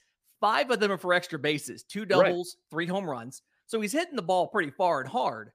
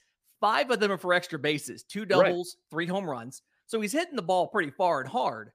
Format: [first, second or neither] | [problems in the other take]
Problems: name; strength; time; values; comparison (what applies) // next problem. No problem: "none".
neither | none